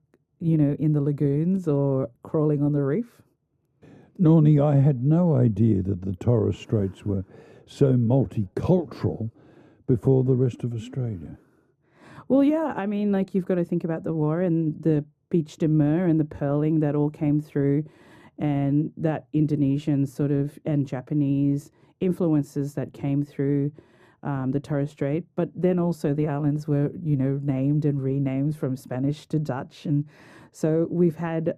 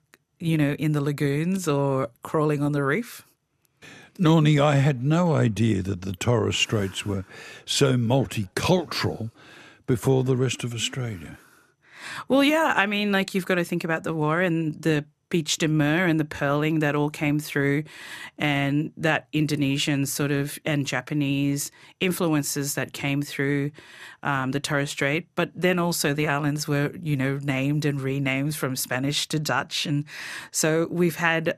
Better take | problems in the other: second | muffled; very; fading above 1 kHz

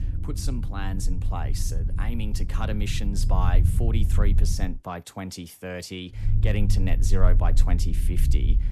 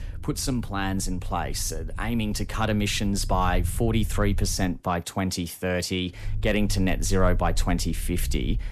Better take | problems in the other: second | low rumble; loud; until 4.5 s and from 6.5 s on; 8 dB below the speech; faint in the second

